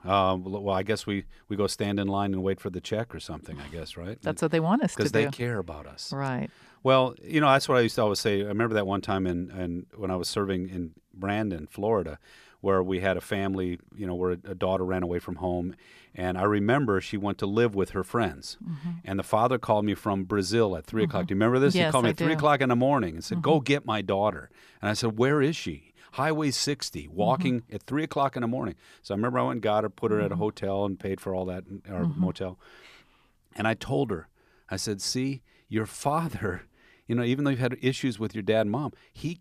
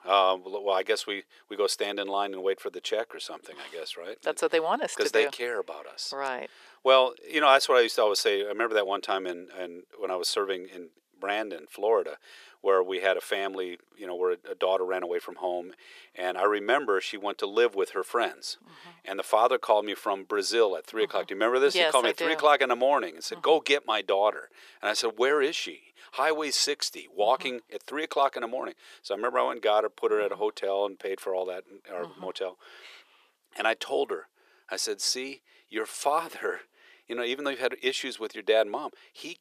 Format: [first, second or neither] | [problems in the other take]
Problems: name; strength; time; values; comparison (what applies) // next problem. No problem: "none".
first | thin; very; fading below 400 Hz